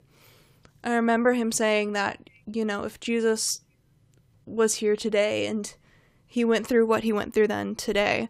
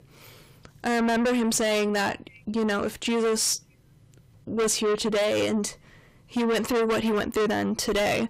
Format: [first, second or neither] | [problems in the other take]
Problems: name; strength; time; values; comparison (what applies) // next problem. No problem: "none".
first | distortion; heavy; 6 dB below the speech